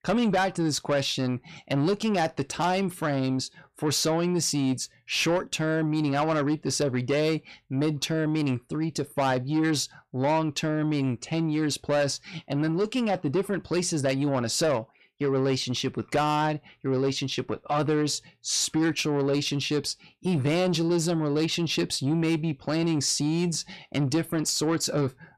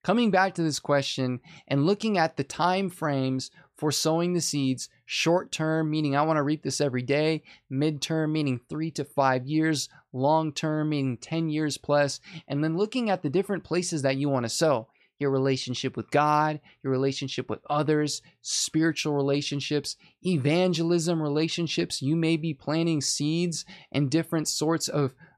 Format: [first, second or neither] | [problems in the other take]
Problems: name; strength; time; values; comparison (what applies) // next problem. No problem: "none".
second | distortion; slight; 10 dB below the speech